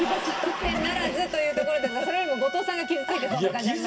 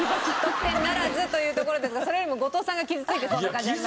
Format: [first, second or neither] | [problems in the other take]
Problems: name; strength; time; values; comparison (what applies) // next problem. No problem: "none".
second | background sound (Trumpet); 13 dB below the speech // room echo; dies away in 2.3 s